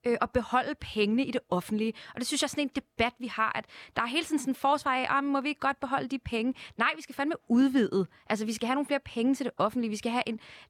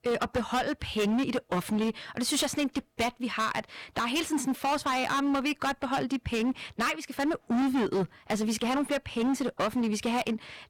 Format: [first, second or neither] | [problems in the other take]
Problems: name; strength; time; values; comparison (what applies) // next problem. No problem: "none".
first | distortion; heavy; 17% of the sound clipped